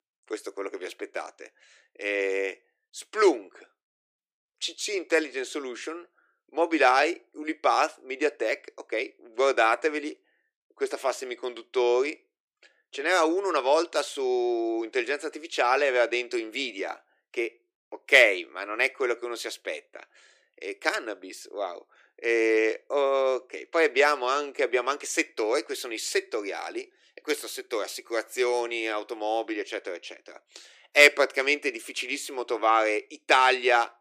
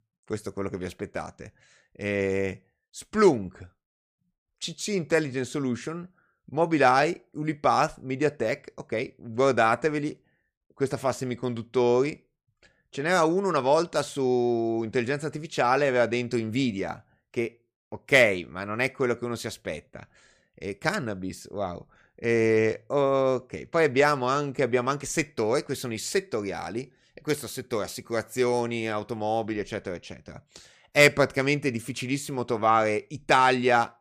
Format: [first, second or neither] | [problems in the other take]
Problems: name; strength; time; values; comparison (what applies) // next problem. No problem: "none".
second | thin; somewhat; fading below 300 Hz